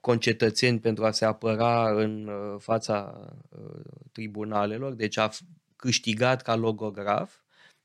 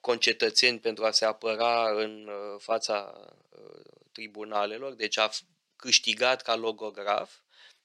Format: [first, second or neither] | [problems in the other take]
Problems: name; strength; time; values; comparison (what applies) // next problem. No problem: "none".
first | thin; somewhat; fading below 450 Hz